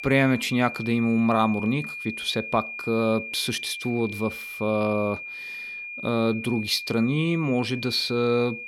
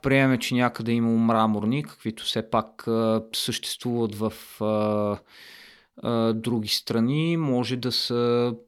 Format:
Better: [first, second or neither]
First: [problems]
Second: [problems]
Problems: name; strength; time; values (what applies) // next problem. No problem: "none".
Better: second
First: high-pitched whine; loud; throughout; 2.5 kHz, 9 dB below the speech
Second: none